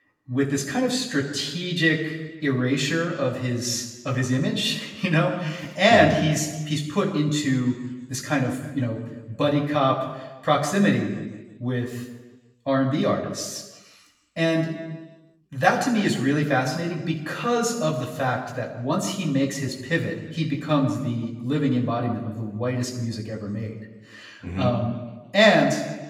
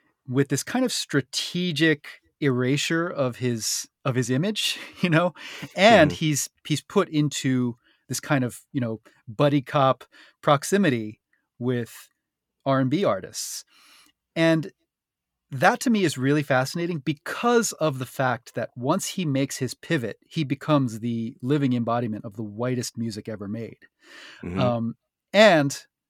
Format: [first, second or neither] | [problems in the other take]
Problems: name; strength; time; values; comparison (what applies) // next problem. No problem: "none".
second | room echo; noticeable; dies away in 1.1 s // off-mic speech; far